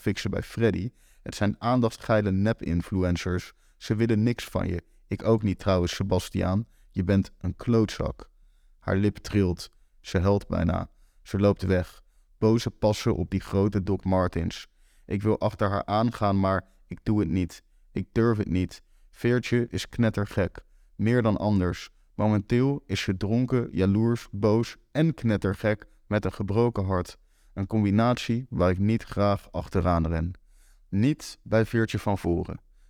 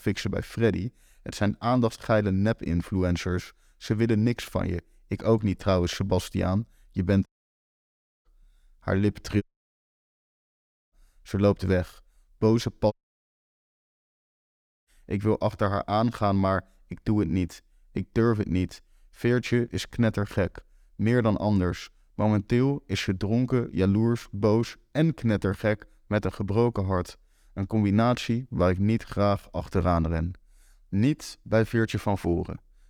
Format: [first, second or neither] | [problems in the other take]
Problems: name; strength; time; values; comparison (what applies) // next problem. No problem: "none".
first | audio cutting out; at 7.5 s for 1 s, at 9.5 s for 1.5 s and at 13 s for 2 s